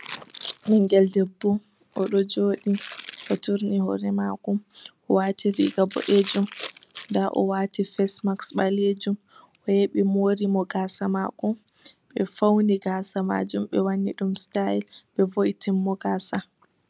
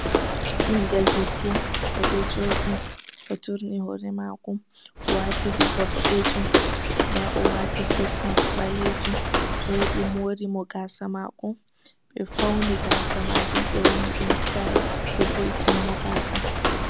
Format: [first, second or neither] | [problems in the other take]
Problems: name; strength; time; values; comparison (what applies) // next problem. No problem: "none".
first | background sound (Walk, footsteps); 4 dB above the speech